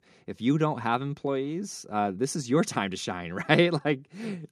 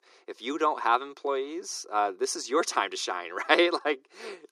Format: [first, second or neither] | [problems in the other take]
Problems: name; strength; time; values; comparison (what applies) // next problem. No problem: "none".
first | thin; very; fading below 350 Hz